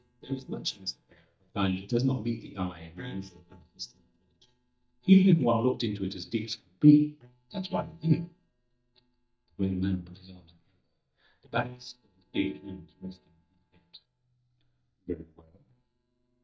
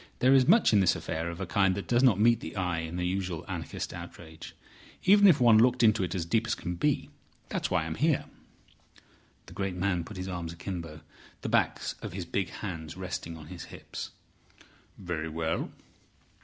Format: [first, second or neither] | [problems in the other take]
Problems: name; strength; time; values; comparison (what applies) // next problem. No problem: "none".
second | noise reduction (neural mask model DeepFilterNet 3)